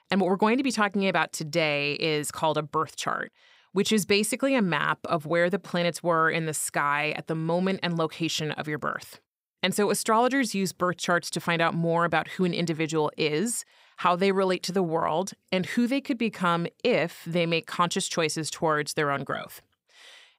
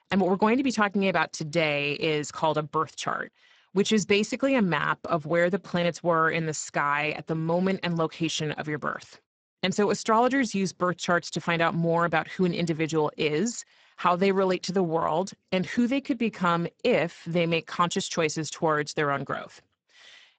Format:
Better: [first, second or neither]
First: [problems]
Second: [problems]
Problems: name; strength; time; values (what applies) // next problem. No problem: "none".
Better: first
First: none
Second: garbled, watery; badly; nothing above 7.5 kHz